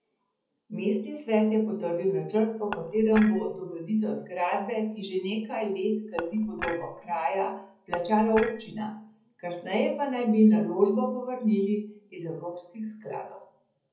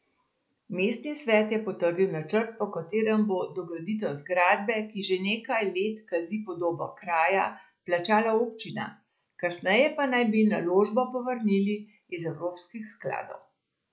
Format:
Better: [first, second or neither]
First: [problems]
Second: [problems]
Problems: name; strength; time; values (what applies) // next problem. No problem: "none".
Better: second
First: background sound (Dishes, pots, and pans / Chink, clink); 11 dB below the speech // room echo; dies away in 0.7 s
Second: none